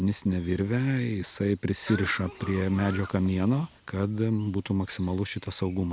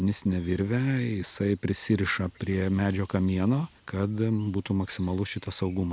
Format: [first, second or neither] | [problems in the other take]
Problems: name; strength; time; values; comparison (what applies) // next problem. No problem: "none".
second | background sound (Cough); 15 dB below the speech